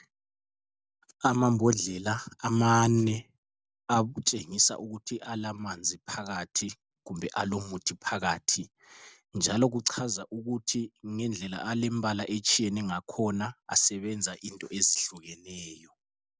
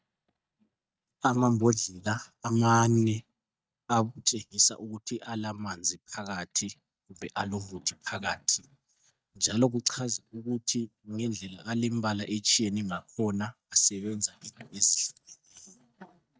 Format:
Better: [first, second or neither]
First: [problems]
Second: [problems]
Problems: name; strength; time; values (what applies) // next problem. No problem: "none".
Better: first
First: none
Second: noise reduction (neural mask model DeepFilterNet 3)